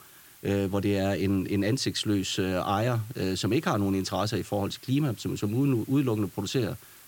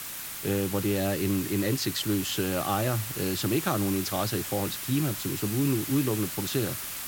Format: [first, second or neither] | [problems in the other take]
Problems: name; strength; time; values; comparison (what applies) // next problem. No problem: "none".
first | hiss; loud; throughout; 5 dB below the speech; faint in the first